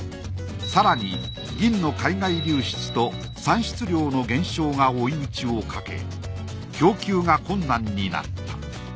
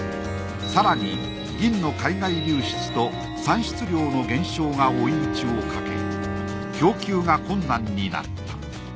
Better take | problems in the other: first | background sound (Bowed string instrument + Harp); 6 dB below the speech

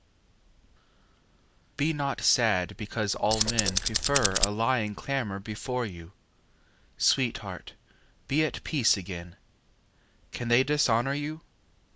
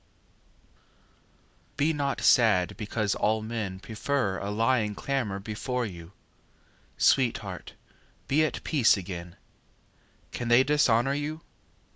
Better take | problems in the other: second | background sound (Tools); 3 dB above the speech

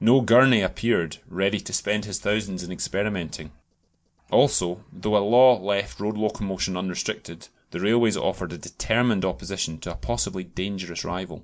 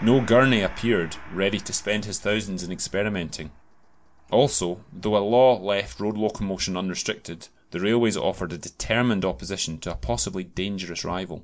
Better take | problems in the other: first | background sound (Gong); 20 dB below the speech

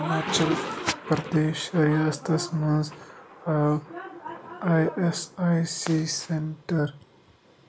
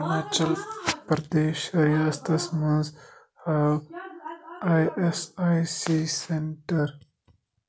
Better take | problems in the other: second | background sound (Thunder); 14 dB below the speech

